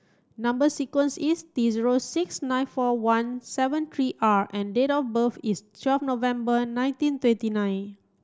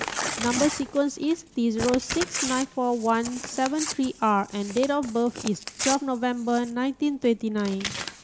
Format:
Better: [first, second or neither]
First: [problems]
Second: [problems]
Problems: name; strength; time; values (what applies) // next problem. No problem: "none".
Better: first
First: none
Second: background sound (Crumpling, crinkling / Tearing); 9 dB below the speech